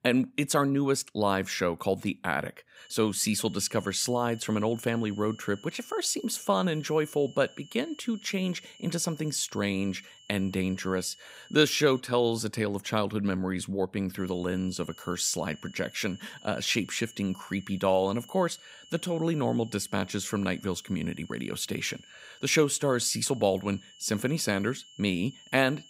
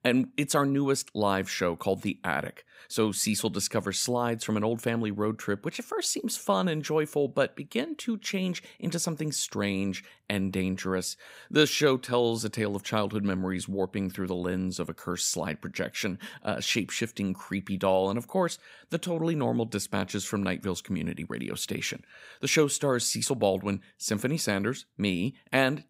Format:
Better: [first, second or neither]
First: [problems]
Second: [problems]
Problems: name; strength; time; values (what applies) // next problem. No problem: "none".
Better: second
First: high-pitched whine; faint; from 3 to 12 s and from 14 s on; 3 kHz, 25 dB below the speech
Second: none